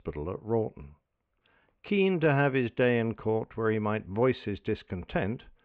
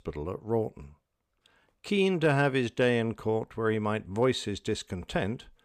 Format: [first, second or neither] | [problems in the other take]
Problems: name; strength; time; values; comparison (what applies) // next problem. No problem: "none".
second | muffled; very; fading above 2.5 kHz